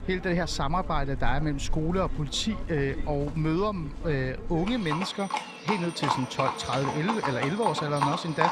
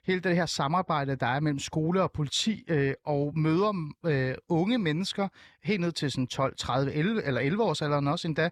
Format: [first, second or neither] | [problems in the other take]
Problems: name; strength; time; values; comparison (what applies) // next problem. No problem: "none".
second | animal sounds; loud; throughout; 5 dB below the speech